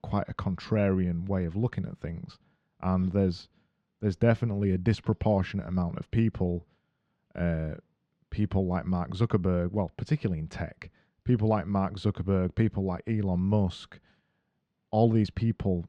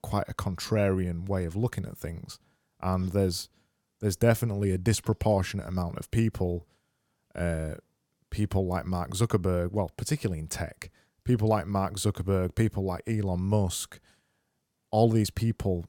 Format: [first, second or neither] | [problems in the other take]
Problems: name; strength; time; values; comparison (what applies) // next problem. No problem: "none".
second | muffled; slightly; fading above 3.5 kHz